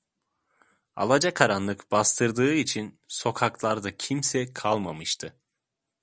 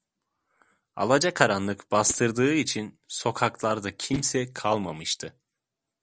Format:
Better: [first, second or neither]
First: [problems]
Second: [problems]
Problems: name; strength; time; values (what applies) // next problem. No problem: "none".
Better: first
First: none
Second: noise reduction (neural separator model SepFormer DNS4)